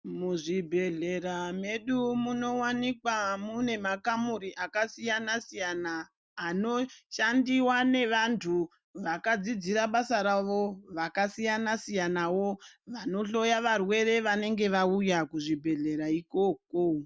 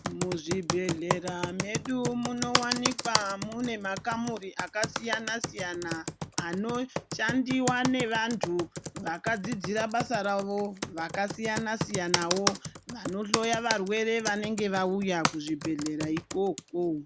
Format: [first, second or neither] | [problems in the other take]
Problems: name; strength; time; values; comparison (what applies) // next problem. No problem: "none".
first | background sound (Computer keyboard); 4 dB below the speech